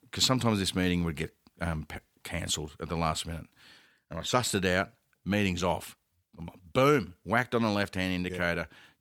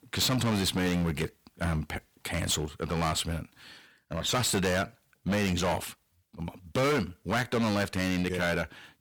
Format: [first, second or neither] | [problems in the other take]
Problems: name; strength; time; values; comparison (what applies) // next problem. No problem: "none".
first | distortion; heavy; 14% of the sound clipped